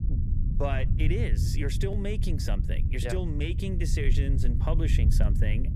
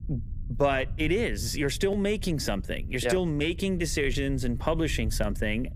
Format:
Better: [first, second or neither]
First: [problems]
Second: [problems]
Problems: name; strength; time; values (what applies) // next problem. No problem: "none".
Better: second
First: low rumble; loud; throughout; 7 dB below the speech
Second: low rumble; faint; throughout; 25 dB below the speech